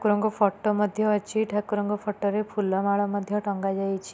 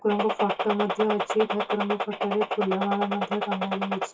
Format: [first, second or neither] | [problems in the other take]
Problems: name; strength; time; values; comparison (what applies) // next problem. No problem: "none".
first | noise reduction (classical method WPE with log-MMSE)